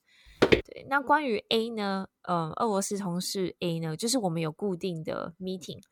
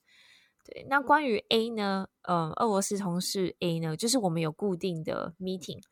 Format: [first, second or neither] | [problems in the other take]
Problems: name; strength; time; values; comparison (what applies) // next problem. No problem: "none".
second | footsteps; loud; at 0.5 s; peak 6 dB above the speech